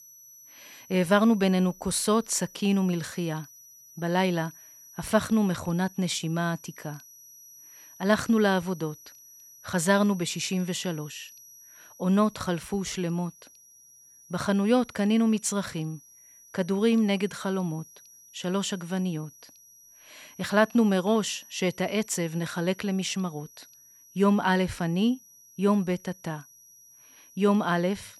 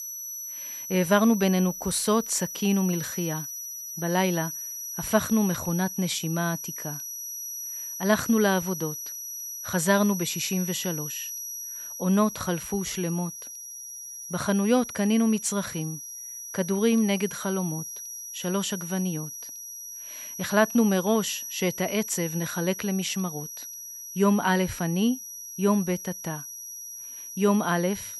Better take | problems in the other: first | high-pitched whine; loud; throughout; 6 kHz, 8 dB below the speech; faint in the first

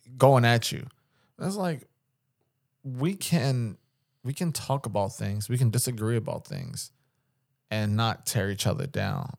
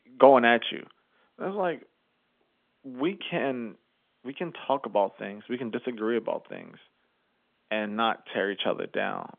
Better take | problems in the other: first | phone-call audio; nothing above 3.5 kHz

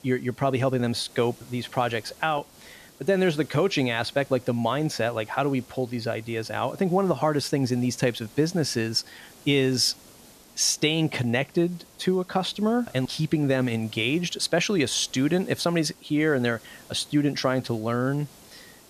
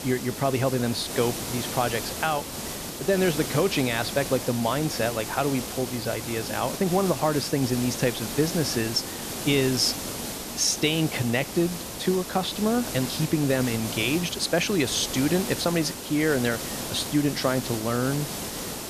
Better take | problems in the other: first | hiss; loud; throughout; 6 dB below the speech; faint in the first

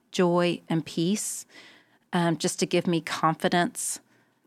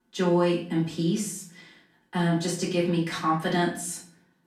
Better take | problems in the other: first | off-mic speech; far // room echo; slight; dies away in 0.5 s

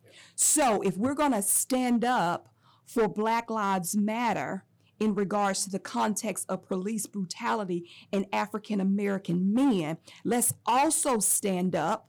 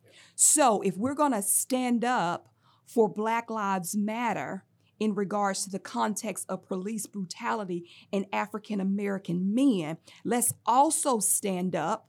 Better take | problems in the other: second | distortion; slight; 6% of the sound clipped

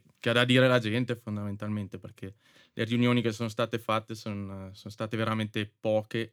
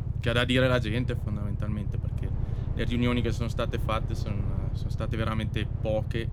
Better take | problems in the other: first | low rumble; noticeable; throughout; 15 dB below the speech

